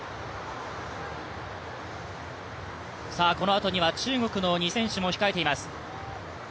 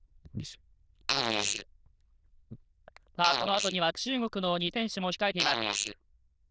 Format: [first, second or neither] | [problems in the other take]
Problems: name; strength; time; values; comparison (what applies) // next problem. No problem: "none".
first | noise reduction (neural diffusion model UNIVERSE++)